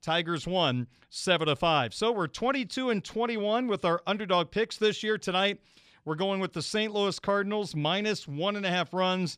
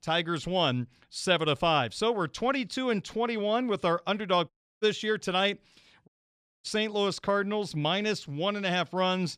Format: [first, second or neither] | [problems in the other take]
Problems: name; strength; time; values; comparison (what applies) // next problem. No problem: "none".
first | audio cutting out; at 4.5 s and at 6 s for 0.5 s